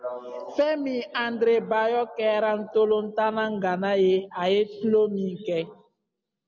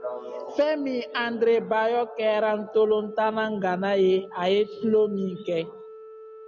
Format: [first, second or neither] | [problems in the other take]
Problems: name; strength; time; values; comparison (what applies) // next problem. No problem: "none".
first | background sound (Organ); 18 dB below the speech